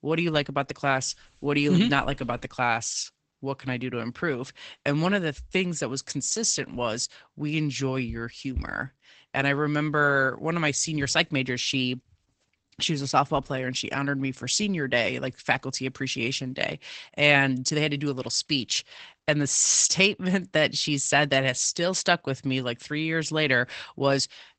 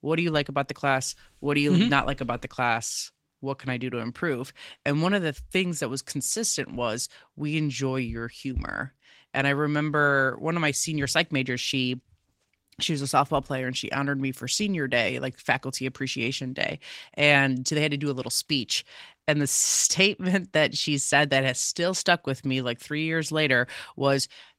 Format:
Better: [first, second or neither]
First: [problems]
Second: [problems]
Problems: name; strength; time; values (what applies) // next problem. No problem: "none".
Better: second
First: garbled, watery; badly; nothing above 8 kHz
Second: garbled, watery; slightly; nothing above 16 kHz